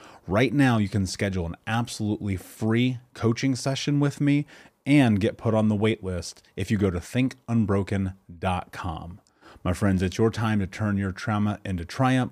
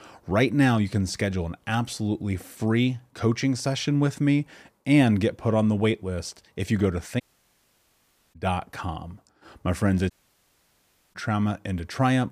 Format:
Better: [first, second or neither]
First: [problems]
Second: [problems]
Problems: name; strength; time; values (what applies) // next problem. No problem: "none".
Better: first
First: none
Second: audio cutting out; at 7 s for 1 s and at 10 s for 1 s